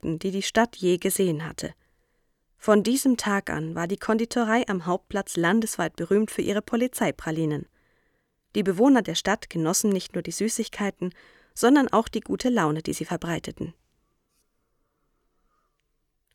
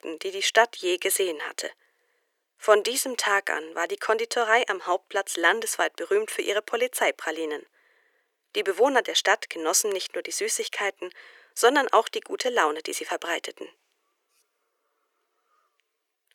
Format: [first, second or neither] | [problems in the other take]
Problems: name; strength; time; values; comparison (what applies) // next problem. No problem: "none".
first | thin; very; fading below 400 Hz